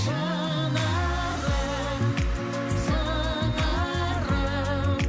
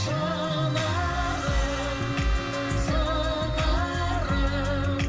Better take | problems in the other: first | background sound (Trumpet); 17 dB below the speech // room echo; dies away in 1.3 s

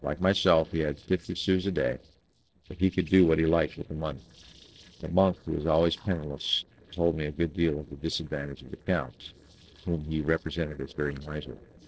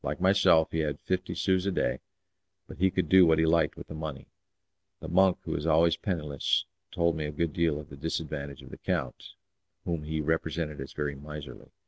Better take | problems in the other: second | noise reduction (neural separator model SepFormer DNS4)

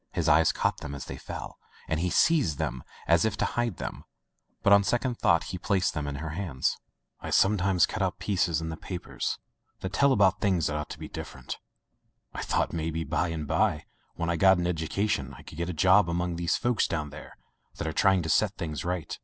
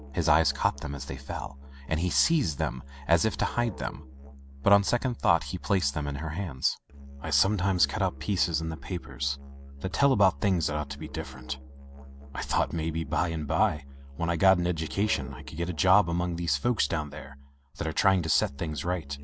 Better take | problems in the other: first | background sound (Musical instrument); 16 dB below the speech

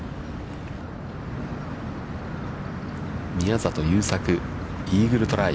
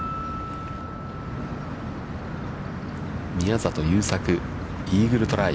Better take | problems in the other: first | background sound (Piano); 16 dB below the speech

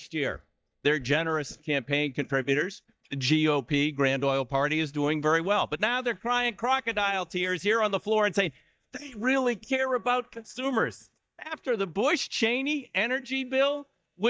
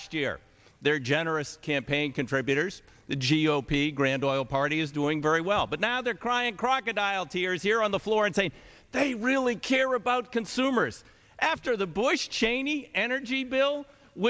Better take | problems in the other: second | noise reduction (neural mask model DeepFilterNet 3)

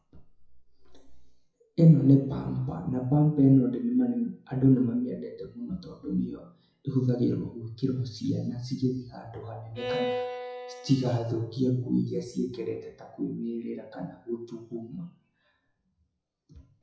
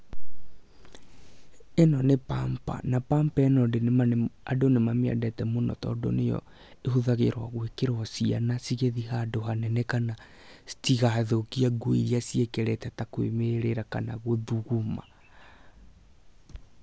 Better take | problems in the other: second | noise reduction (classical method WPE with log-MMSE)

